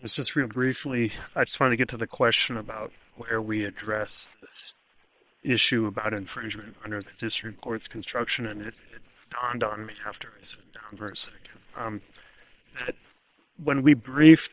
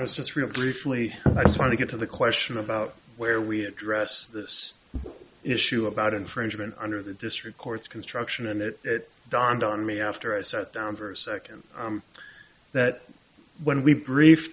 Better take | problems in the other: second | noise reduction (neural separator model SepFormer WHAM!)

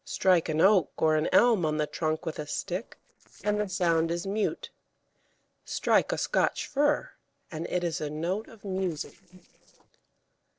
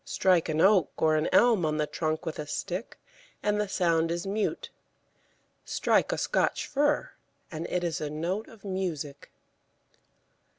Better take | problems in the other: second | noise reduction (neural separator model SepFormer DNS4)

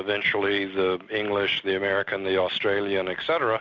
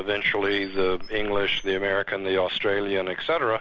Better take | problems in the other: first | background sound (Squeak); 10 dB below the speech

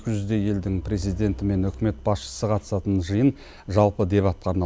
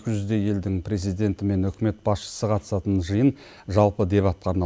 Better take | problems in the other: second | background sound (Truck); 16 dB below the speech

